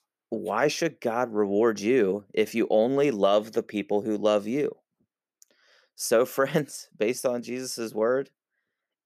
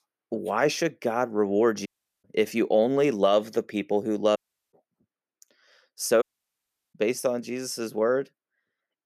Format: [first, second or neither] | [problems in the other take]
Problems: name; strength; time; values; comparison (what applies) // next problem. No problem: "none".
first | audio cutting out; at 2 s, at 4.5 s and at 6 s for 0.5 s